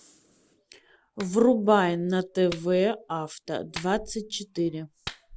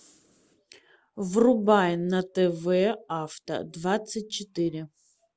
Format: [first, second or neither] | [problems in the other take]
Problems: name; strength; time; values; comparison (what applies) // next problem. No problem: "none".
second | background sound (Clapping); 19 dB below the speech